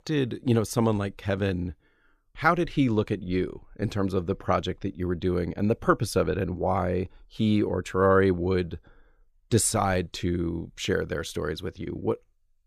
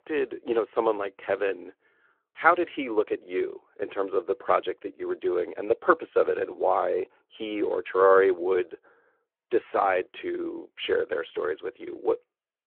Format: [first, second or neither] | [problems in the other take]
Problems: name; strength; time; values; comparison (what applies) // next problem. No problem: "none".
first | phone-call audio